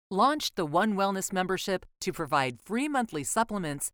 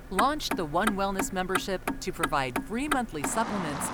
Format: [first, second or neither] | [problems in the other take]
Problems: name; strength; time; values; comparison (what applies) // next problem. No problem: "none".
first | traffic noise; loud; throughout; 3 dB below the speech